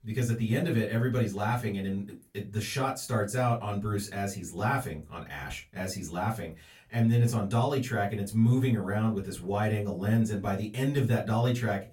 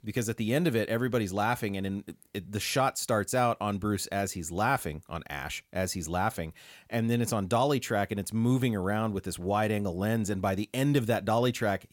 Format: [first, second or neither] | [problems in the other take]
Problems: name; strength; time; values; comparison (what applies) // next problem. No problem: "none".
second | off-mic speech; far // room echo; very slight; dies away in 0.2 s